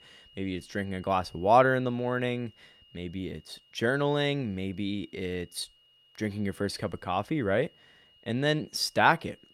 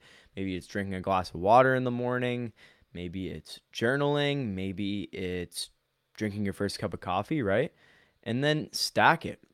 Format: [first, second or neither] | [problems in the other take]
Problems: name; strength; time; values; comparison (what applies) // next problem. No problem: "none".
second | high-pitched whine; faint; throughout; 3 kHz, 30 dB below the speech